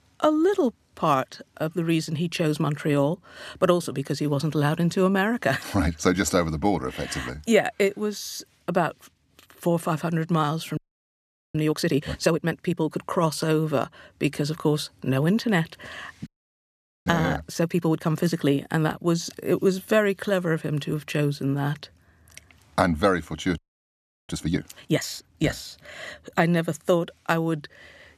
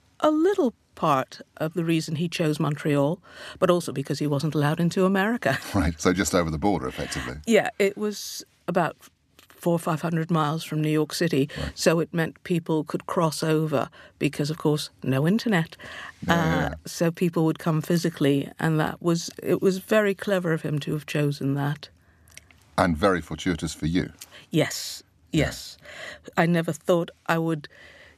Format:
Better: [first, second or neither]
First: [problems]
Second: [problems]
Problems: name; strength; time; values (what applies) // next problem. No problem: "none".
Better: second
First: audio freezing; at 11 s for 1 s, at 16 s for 1 s and at 24 s for 0.5 s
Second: none